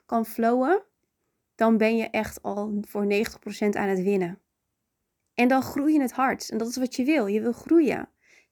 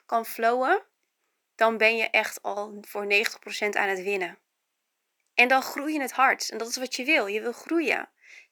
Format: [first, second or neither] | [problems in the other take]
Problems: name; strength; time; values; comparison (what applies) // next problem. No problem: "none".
first | thin; somewhat; fading below 550 Hz